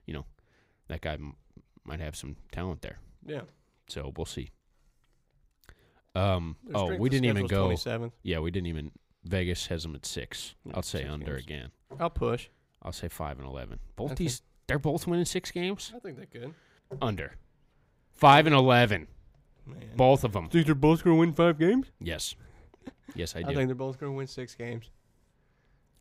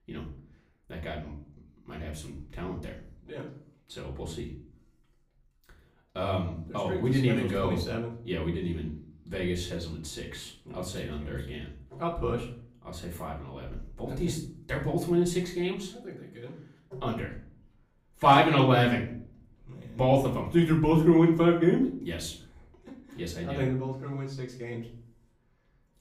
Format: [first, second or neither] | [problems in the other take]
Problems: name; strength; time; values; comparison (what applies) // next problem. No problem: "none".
first | room echo; slight; dies away in 0.5 s // off-mic speech; far